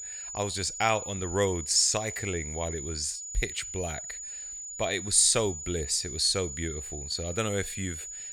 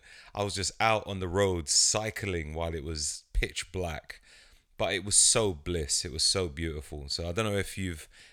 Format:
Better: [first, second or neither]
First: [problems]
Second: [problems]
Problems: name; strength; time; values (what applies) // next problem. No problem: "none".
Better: second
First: high-pitched whine; loud; throughout; 7 kHz, 8 dB below the speech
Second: none